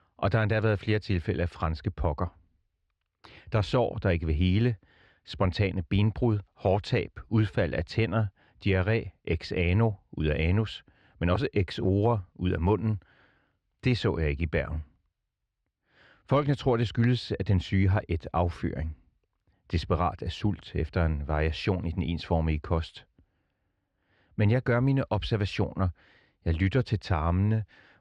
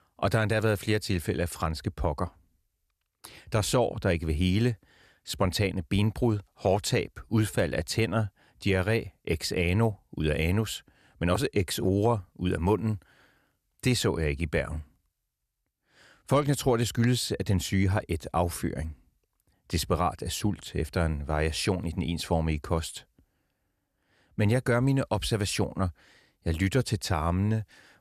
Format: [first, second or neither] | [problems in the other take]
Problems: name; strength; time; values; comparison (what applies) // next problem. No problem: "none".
second | muffled; slightly; fading above 3.5 kHz